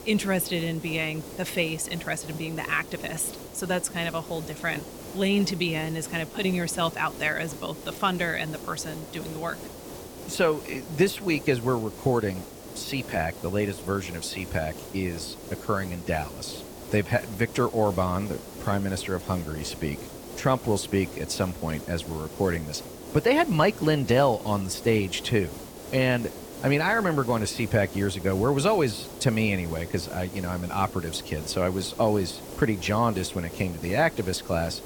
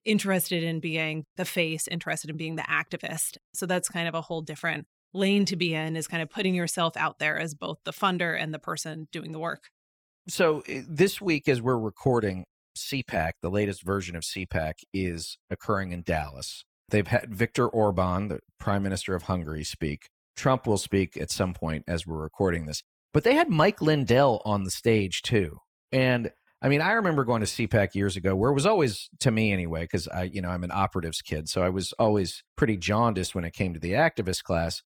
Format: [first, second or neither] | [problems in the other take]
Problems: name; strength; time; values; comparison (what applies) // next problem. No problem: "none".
second | hiss; noticeable; throughout; 15 dB below the speech